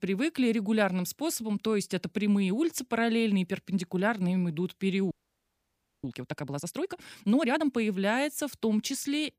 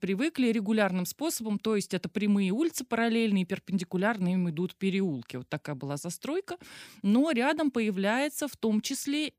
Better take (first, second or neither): second